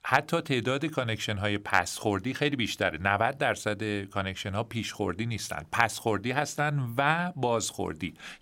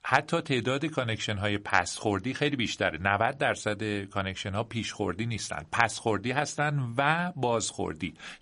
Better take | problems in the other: first | garbled, watery; slightly; nothing above 10.5 kHz

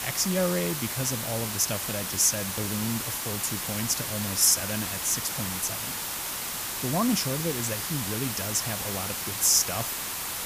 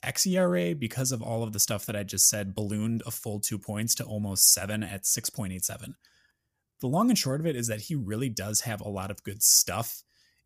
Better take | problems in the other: second | hiss; loud; throughout; 3 dB below the speech

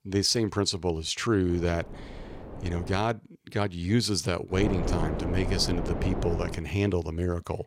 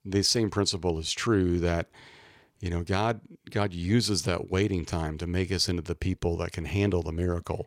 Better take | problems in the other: second | wind noise on the microphone; heavy; from 1.5 to 3 s and from 4.5 to 6.5 s; 8 dB below the speech

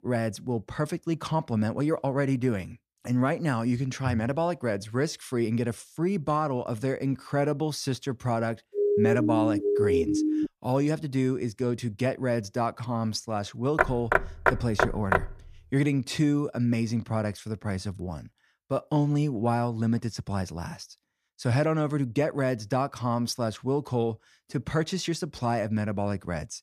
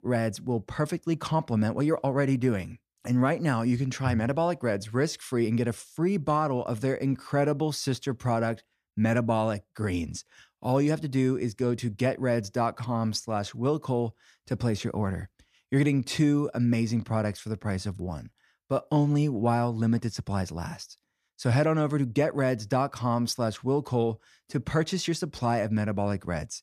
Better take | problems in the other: second | siren; loud; from 8.5 to 10 s; peak 4 dB above the speech // door banging; loud; from 14 to 15 s; peak 4 dB above the speech

